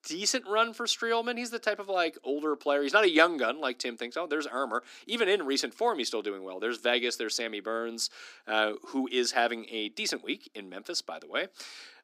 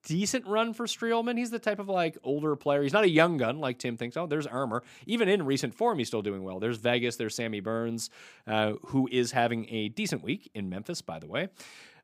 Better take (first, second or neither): second